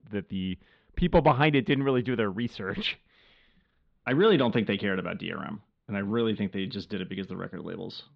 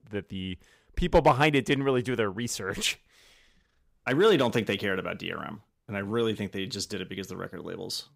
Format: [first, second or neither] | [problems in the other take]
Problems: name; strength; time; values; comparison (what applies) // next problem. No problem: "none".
second | muffled; slightly; fading above 4 kHz